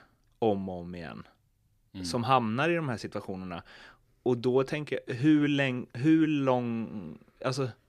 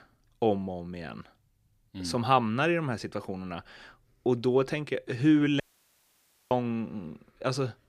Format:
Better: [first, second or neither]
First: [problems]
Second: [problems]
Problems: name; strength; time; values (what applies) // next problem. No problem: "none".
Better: first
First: none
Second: audio cutting out; at 5.5 s for 1 s